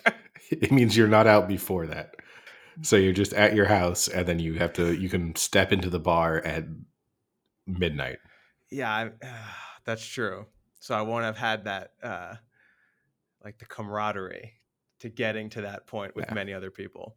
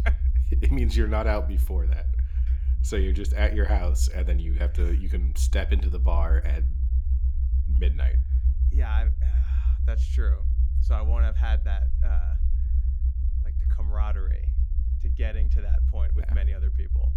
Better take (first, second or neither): first